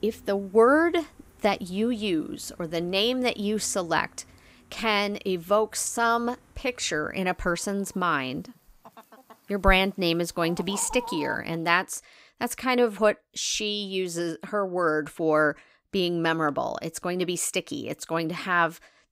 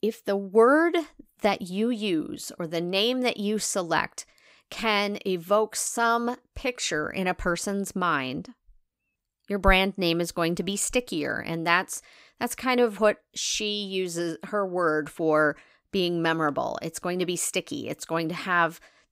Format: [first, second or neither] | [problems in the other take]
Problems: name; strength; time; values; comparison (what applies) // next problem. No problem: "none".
second | animal sounds; noticeable; until 12 s; 20 dB below the speech